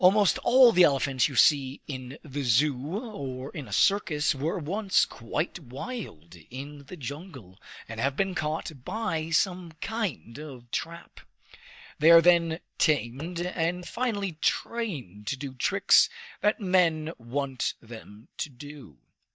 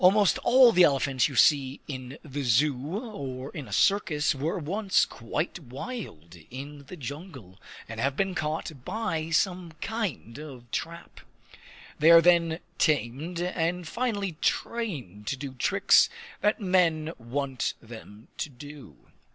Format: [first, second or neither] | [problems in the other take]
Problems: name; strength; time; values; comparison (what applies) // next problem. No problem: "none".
second | noise reduction (neural mask model DeepFilterNet 3)